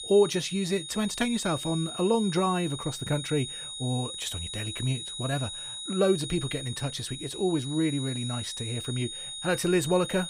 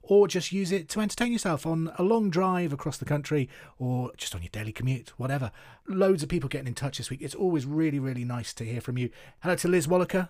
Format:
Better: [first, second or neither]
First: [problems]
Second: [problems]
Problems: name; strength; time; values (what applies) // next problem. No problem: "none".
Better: second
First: high-pitched whine; loud; throughout; 3.5 kHz, 6 dB below the speech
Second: none